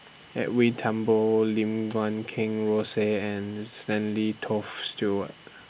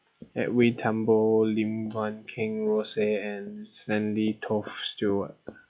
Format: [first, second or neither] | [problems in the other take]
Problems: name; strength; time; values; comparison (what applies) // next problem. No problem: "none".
first | noise reduction (classical method log-MMSE)